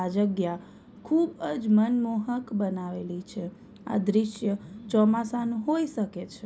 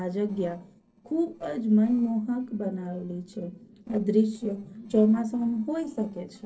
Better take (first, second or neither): first